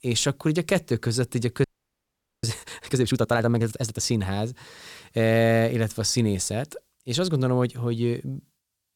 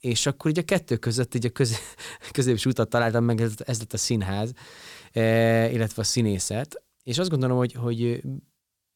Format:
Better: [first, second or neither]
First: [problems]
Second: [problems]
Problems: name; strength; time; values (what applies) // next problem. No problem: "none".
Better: second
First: audio freezing; at 1.5 s for 1 s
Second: none